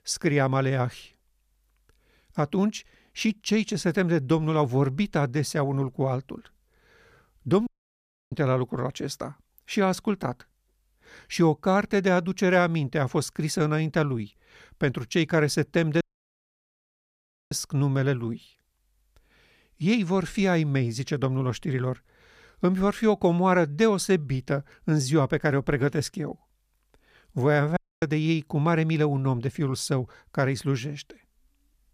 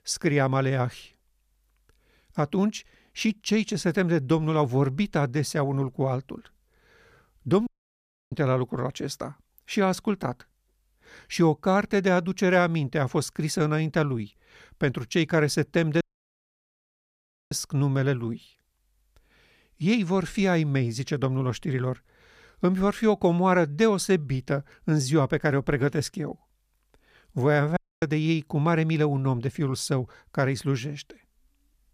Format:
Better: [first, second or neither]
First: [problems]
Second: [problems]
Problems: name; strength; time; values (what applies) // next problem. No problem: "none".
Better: neither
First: audio cutting out; at 7.5 s for 0.5 s, at 16 s for 1.5 s and at 28 s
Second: audio cutting out; at 7.5 s for 0.5 s, at 16 s for 1.5 s and at 28 s